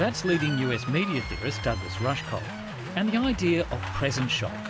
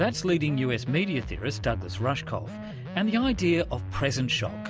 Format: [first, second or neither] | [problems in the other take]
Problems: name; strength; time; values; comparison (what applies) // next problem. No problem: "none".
second | background sound (Squeak + Rain); 11 dB below the speech